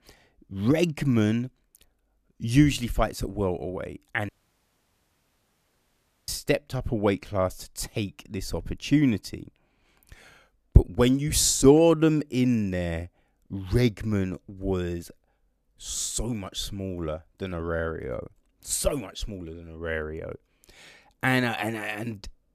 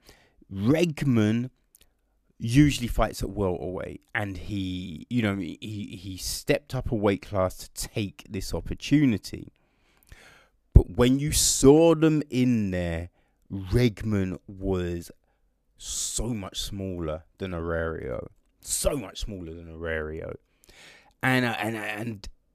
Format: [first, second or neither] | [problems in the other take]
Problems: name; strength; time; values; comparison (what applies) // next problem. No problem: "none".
second | audio cutting out; at 4.5 s for 2 s